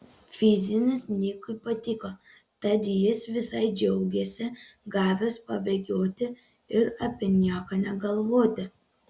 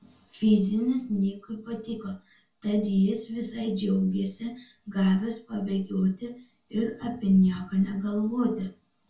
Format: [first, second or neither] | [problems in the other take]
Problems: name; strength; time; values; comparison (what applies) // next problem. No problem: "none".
first | room echo; dies away in 0.2 s